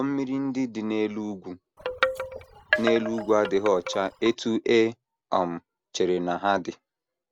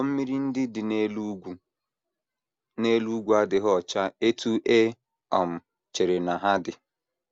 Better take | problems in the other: second | background sound (Wind chime); 4 dB below the speech

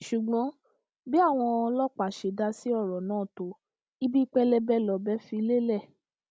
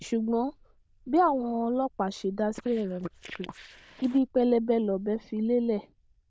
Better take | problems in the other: first | noise reduction (neural diffusion model UNIVERSE++)

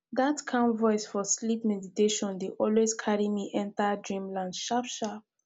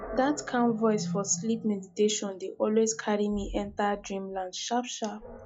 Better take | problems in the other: first | noise reduction (classical method log-MMSE)

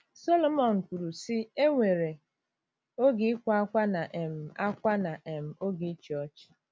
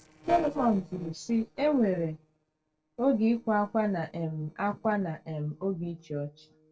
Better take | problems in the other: first | noise reduction (neural separator model SepFormer DNS4)

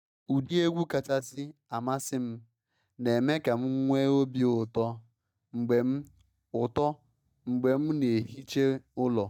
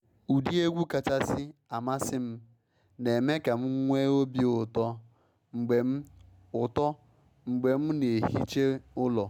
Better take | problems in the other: second | noise reduction (neural mask model DeepFilterNet 3)

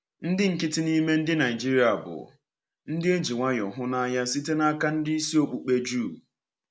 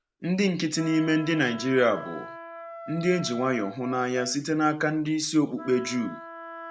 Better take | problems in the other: first | background sound (Wind instrument, woodwind instrument); 15 dB below the speech

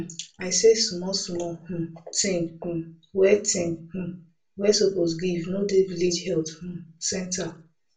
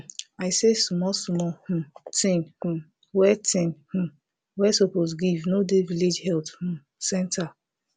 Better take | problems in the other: second | room echo; dies away in 0.3 s

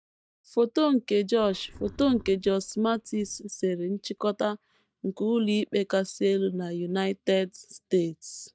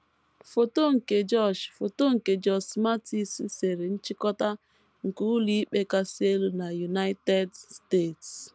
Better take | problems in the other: second | noise reduction (neural mask model DeepFilterNet 3)

